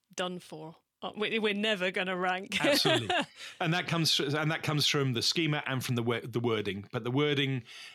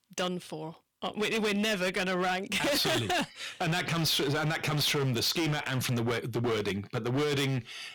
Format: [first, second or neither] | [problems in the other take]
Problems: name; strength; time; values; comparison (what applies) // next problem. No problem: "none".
first | distortion; heavy; 22% of the sound clipped